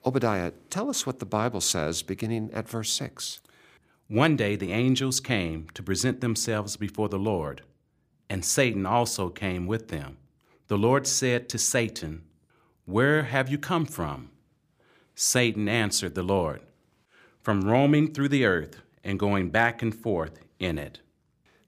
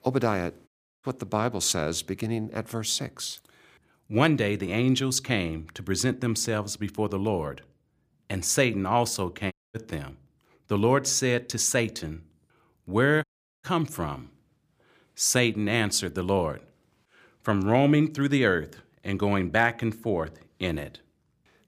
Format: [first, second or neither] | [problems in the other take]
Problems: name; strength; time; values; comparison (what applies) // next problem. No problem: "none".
first | audio cutting out; at 0.5 s, at 9.5 s and at 13 s